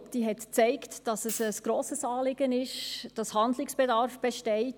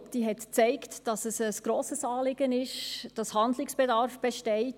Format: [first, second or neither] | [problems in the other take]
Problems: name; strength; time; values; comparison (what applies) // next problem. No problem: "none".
second | background sound (Hi-hat); 16 dB below the speech